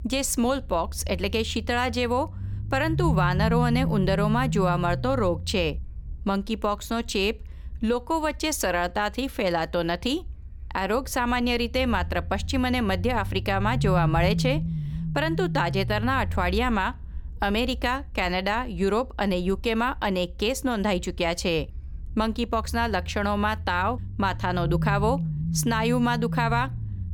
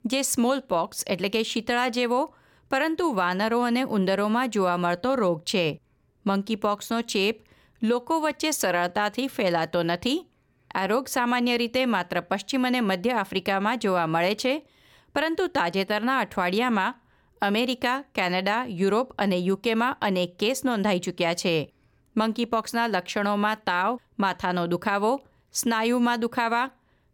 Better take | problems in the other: second | low rumble; noticeable; throughout; 15 dB below the speech

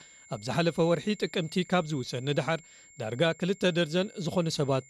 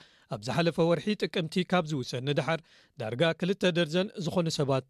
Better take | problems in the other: second | high-pitched whine; faint; throughout; 7.5 kHz, 25 dB below the speech

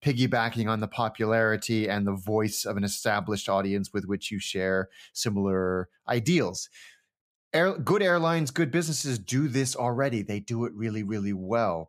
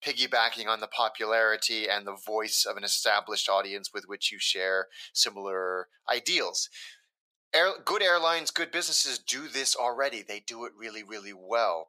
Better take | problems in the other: first | thin; very; fading below 550 Hz

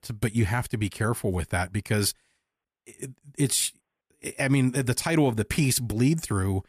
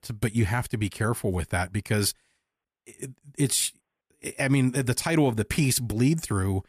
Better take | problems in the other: neither | none

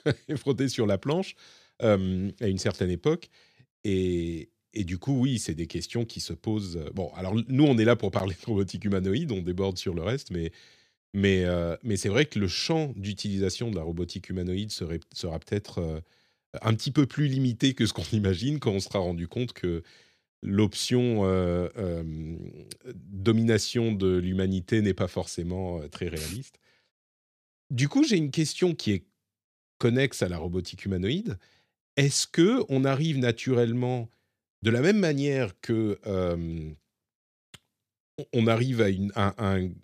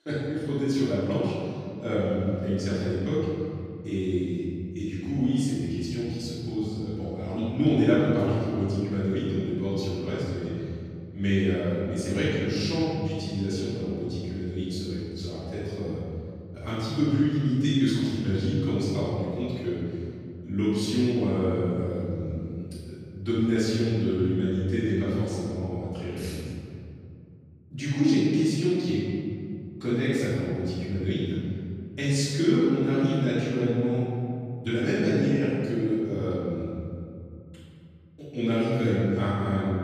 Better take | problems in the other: first | off-mic speech; far // room echo; strong; dies away in 2.5 s

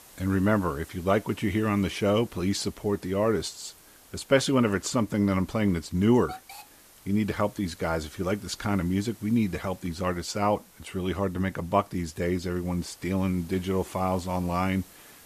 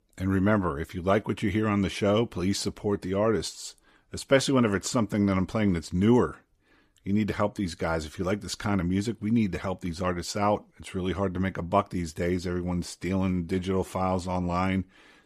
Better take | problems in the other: second | hiss; faint; throughout; 25 dB below the speech

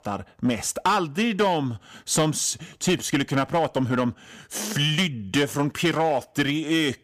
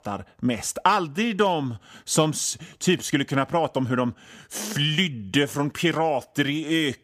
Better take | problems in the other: second | distortion; slight; 4% of the sound clipped

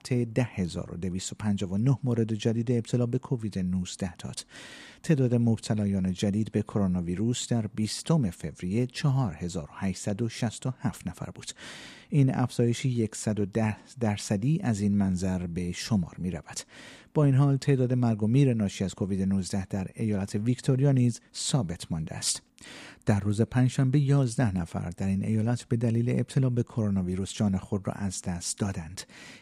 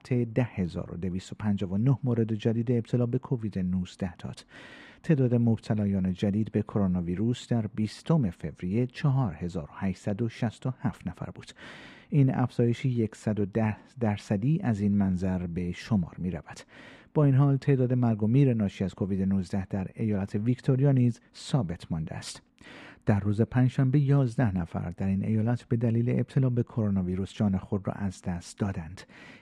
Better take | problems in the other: first | muffled; slightly; fading above 4 kHz

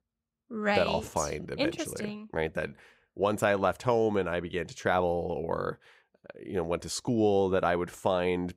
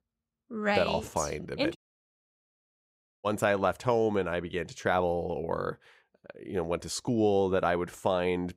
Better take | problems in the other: first | audio cutting out; at 2 s for 1.5 s

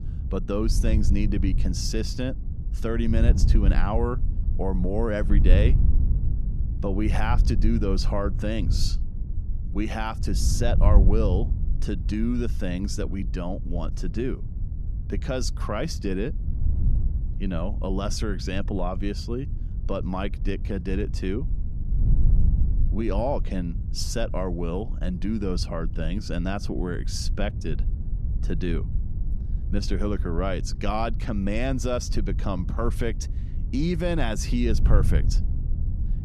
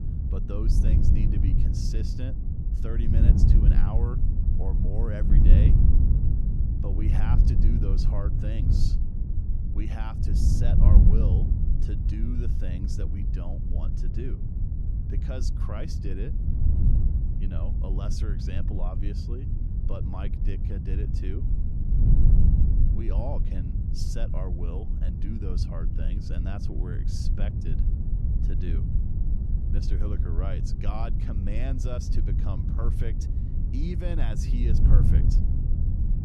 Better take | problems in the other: first | wind noise on the microphone; heavy; as loud as the speech; occasional gusts in the first

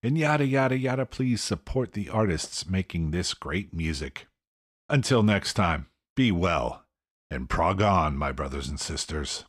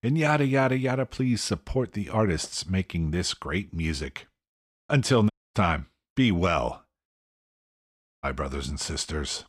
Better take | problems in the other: first | audio cutting out; at 5.5 s and at 7 s for 1 s

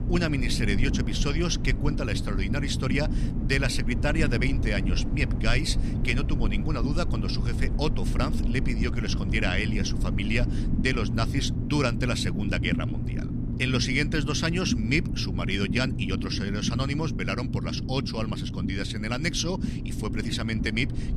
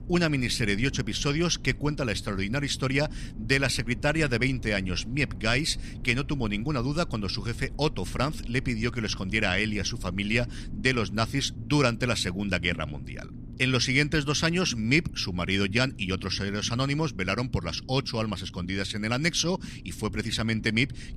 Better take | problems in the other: second | low rumble; loud; throughout; 9 dB below the speech; faint in the second

